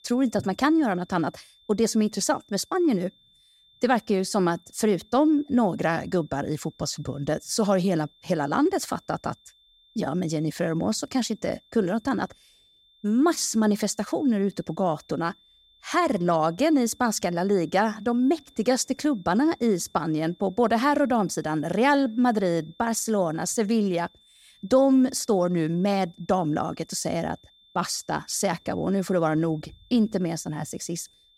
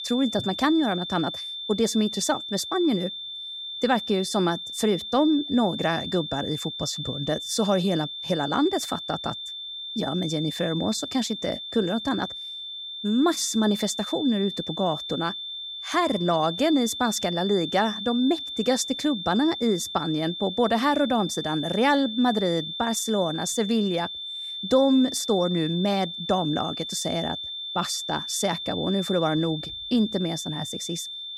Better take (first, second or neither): first